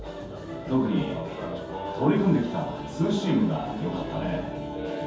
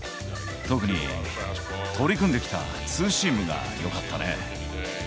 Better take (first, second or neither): second